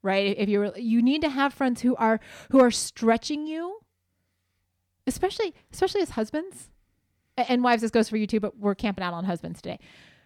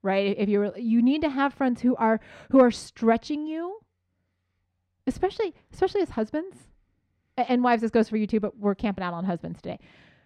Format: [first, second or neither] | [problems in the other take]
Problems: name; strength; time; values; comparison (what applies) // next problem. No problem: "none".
first | muffled; slightly; fading above 2 kHz